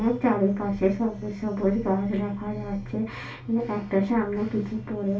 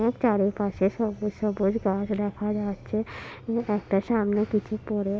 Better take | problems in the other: second | room echo; dies away in 0.2 s

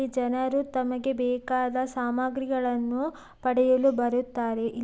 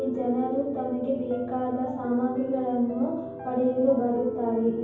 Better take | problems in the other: first | background sound (Piano); 9 dB below the speech // room echo; dies away in 0.9 s

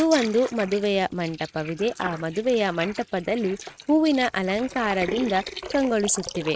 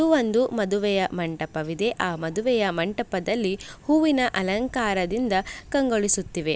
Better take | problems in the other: second | noise reduction (neural mask model RNNoise)

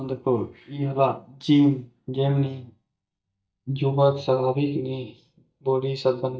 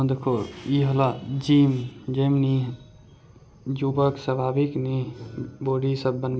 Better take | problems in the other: second | noise reduction (neural mask model DeepFilterNet 3)

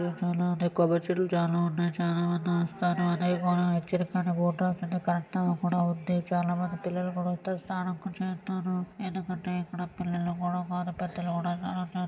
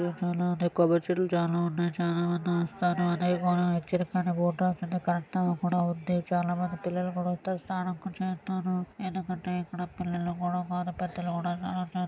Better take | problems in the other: second | room echo; dies away in 0.5 s

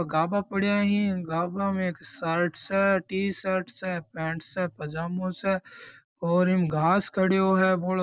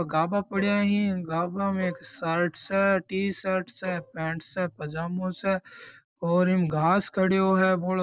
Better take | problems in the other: first | noise reduction (neural separator model SepFormer DNS4)

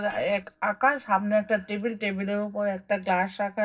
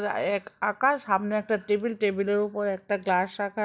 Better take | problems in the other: second | noise reduction (neural separator model SepFormer DNS4)

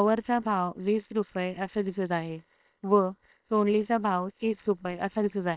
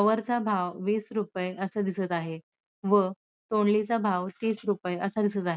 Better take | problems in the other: second | noise reduction (neural separator model SepFormer WHAM!)

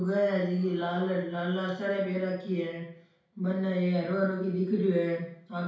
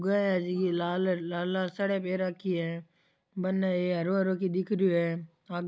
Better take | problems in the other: second | room echo; dies away in 0.5 s

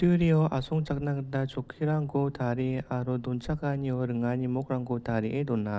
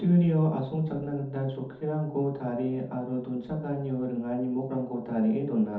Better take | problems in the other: first | room echo; dies away in 0.6 s

